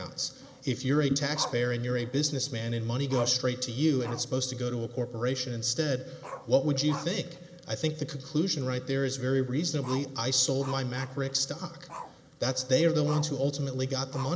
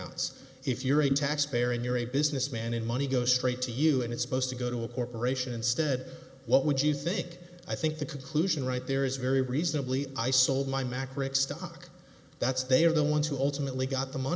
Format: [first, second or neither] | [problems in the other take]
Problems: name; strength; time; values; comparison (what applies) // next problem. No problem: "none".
second | noise reduction (neural mask model Resemble Enhance denoiser)